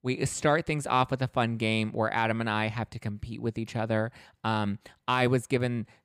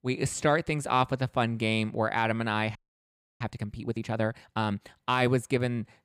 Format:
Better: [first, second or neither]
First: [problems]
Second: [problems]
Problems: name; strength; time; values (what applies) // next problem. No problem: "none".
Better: first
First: none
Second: audio freezing; at 3 s for 0.5 s